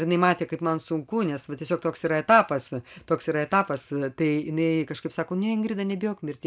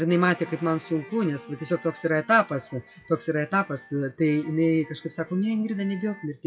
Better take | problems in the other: first | noise reduction (classical method WPE with log-MMSE)

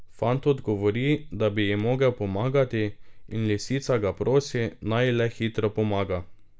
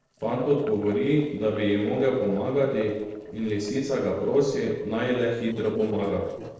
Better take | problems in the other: first | noise reduction (neural separator model SepFormer DNS4)

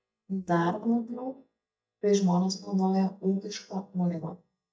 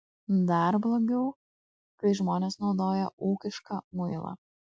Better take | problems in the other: second | noise reduction (neural mask model DeepFilterNet 3)

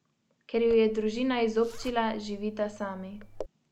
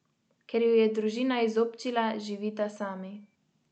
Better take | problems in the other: second | background sound (Zipper (clothing)); 15 dB below the speech

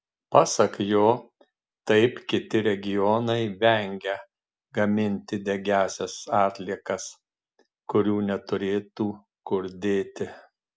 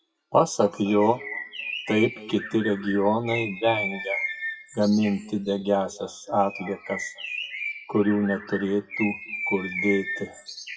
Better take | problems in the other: first | noise reduction (classical method WPE with log-MMSE)

